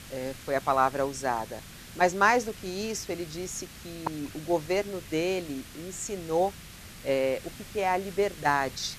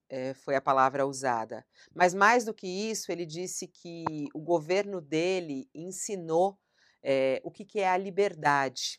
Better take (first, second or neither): second